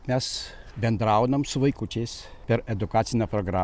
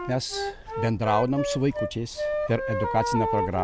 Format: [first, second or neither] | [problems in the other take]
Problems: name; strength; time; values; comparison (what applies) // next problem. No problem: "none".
first | background sound (Wind instrument, woodwind instrument); 3 dB below the speech